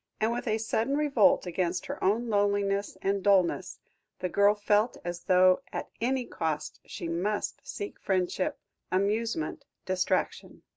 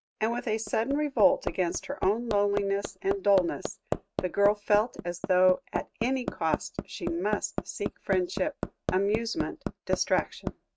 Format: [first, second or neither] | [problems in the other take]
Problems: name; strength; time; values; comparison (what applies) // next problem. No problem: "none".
first | noise reduction (neural mask model RNNoise)